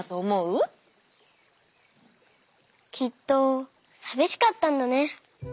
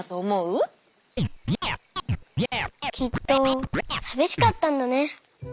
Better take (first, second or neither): first